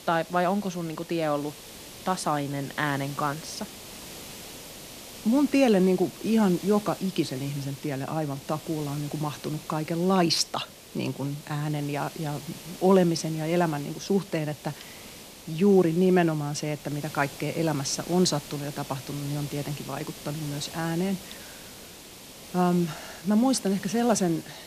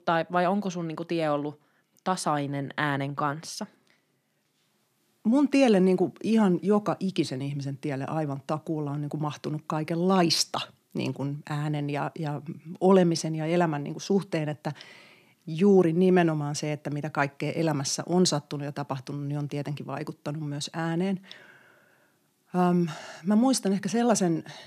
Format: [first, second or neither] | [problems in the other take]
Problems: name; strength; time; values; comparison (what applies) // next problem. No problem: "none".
second | hiss; noticeable; throughout; 15 dB below the speech